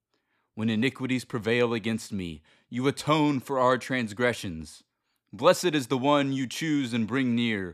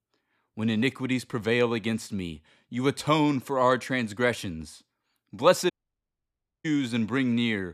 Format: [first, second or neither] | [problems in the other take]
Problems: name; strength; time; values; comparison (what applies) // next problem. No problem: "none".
first | audio cutting out; at 5.5 s for 1 s